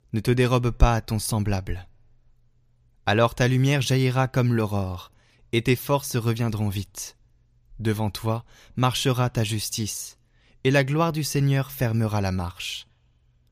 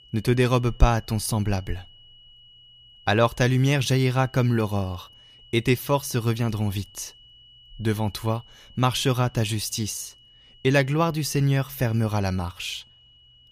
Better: first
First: none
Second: high-pitched whine; faint; throughout; 3 kHz, 25 dB below the speech

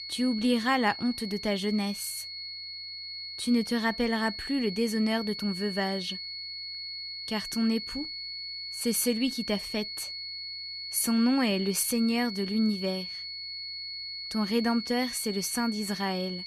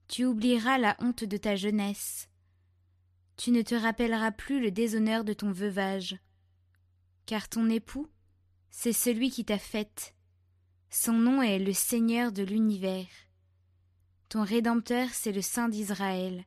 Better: second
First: high-pitched whine; loud; throughout; 4.5 kHz, 7 dB below the speech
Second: none

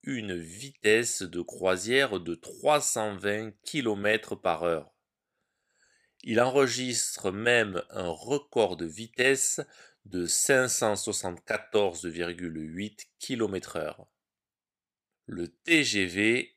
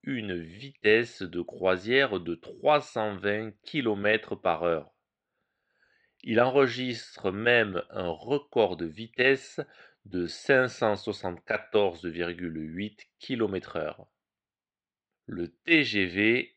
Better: first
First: none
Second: muffled; slightly; fading above 3.5 kHz

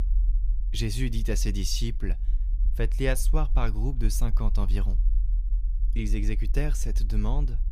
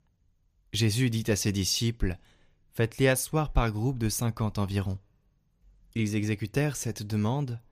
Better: second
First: low rumble; noticeable; throughout; 20 dB below the speech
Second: none

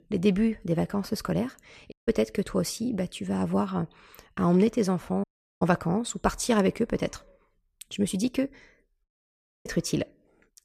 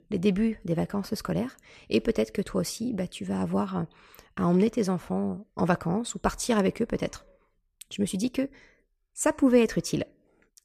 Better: second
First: audio cutting out; at 2 s, at 5 s and at 9 s for 0.5 s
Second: none

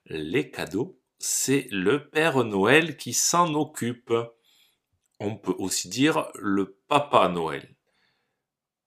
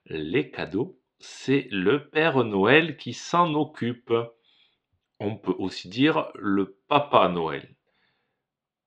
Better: first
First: none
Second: muffled; very; fading above 3.5 kHz

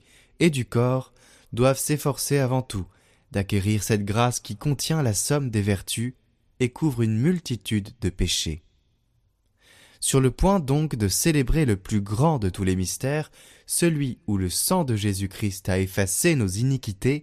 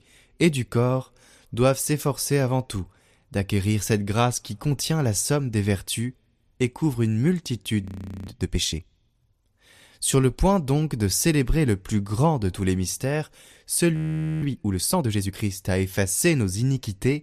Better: first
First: none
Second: audio freezing; at 8 s and at 14 s

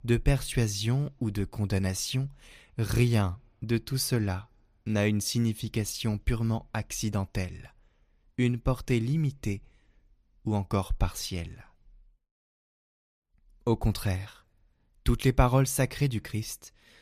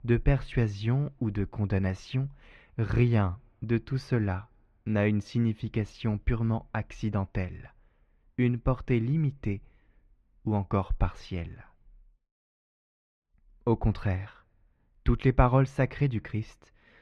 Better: first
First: none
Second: muffled; very; fading above 2 kHz

